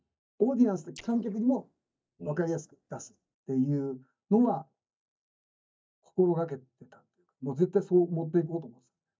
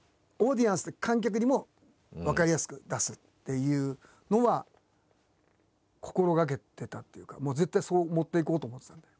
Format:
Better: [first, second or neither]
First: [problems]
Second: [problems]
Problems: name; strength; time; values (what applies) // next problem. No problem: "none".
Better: second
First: noise reduction (neural mask model DeepFilterNet 3)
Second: none